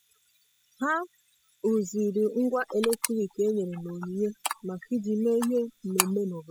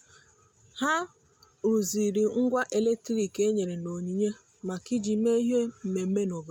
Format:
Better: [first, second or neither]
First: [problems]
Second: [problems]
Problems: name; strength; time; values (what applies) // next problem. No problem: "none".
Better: second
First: noise reduction (classical method spectral subtraction)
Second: none